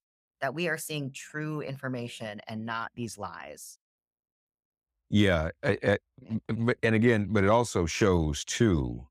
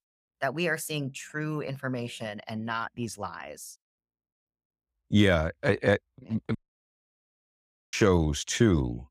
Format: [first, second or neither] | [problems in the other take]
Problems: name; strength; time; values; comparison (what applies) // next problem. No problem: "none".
first | audio cutting out; at 6.5 s for 1.5 s